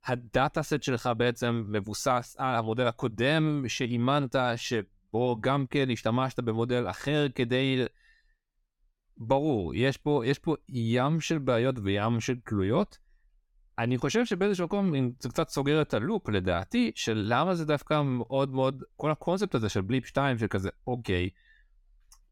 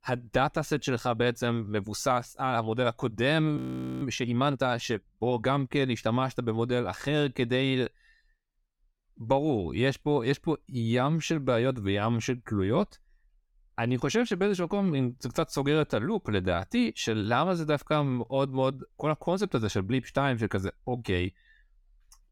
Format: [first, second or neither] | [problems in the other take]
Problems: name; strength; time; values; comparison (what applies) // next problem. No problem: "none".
first | audio freezing; at 3.5 s